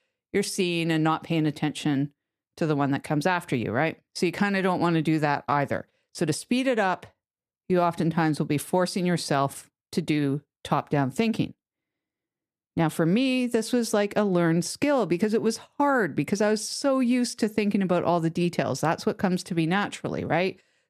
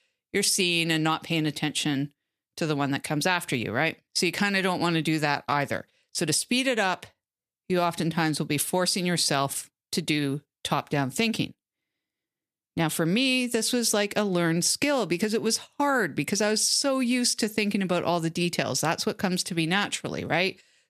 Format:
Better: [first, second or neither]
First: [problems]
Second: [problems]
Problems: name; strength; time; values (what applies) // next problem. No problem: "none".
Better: second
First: muffled; slightly; fading above 2 kHz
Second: none